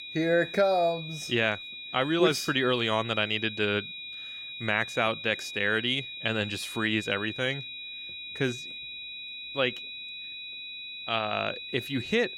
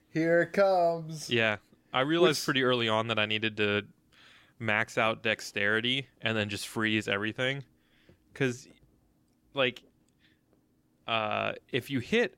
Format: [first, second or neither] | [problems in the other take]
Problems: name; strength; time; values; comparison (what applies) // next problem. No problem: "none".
second | high-pitched whine; loud; throughout; 4 kHz, 9 dB below the speech